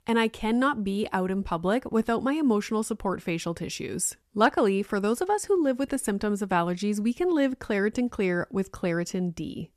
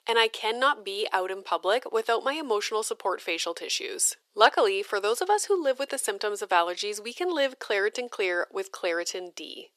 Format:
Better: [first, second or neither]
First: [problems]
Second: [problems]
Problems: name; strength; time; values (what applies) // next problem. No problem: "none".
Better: first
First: none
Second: thin; very; fading below 400 Hz